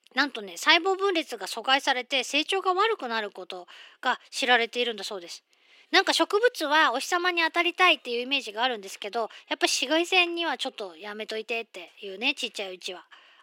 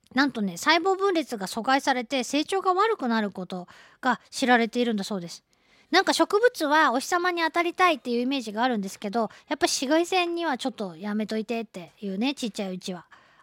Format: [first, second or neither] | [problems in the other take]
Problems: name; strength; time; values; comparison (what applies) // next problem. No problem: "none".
second | thin; somewhat; fading below 350 Hz